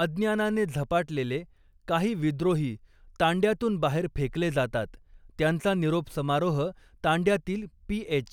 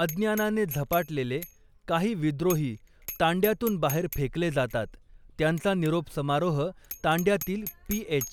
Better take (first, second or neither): first